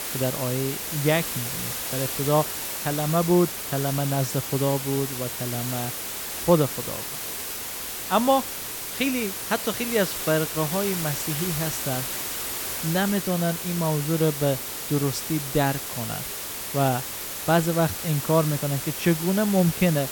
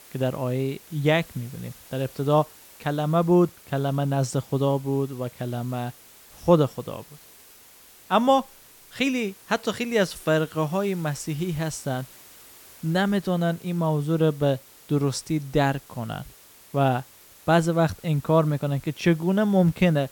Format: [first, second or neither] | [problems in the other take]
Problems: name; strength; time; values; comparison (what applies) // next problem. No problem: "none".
second | hiss; loud; throughout; 4 dB below the speech; faint in the second